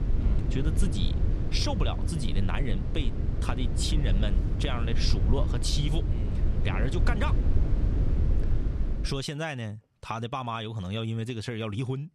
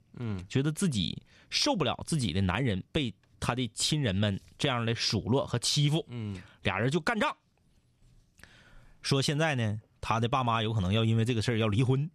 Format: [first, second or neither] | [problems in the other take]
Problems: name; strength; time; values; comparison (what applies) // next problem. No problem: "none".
second | low rumble; loud; until 9 s; 7 dB below the speech